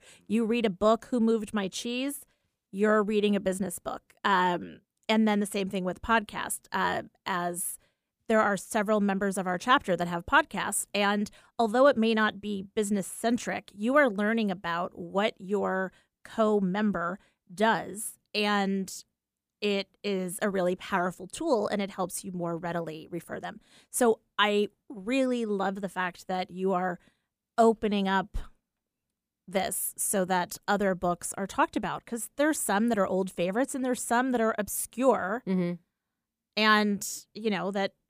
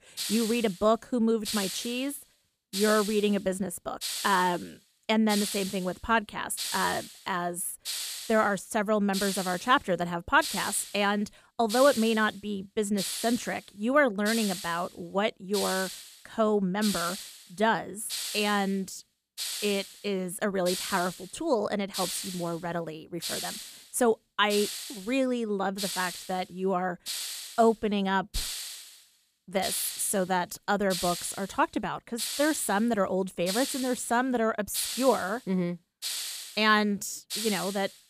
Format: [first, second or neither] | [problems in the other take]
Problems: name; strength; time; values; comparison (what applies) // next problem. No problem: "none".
first | hiss; loud; throughout; 6 dB below the speech